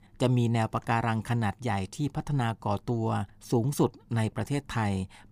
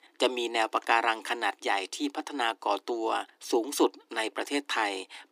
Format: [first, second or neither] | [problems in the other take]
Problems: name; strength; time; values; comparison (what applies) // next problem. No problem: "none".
first | thin; very; fading below 300 Hz